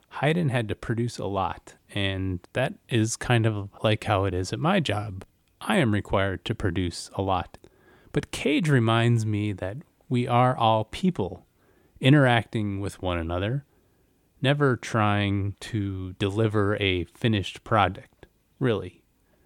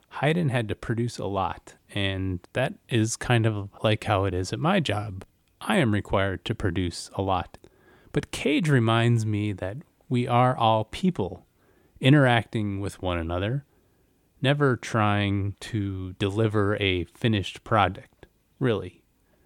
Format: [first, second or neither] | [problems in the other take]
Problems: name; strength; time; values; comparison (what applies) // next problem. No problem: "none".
neither | none